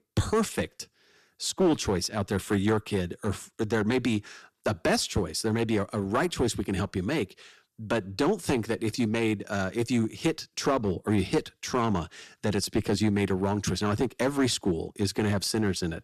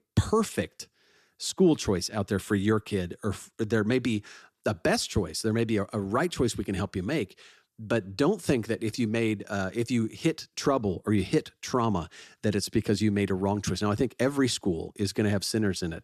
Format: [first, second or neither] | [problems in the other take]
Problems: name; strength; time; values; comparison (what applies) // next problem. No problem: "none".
second | distortion; slight; 5% of the sound clipped